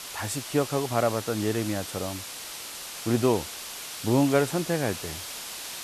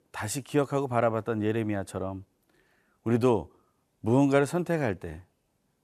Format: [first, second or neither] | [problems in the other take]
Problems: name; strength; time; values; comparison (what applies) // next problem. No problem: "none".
second | hiss; loud; throughout; 8 dB below the speech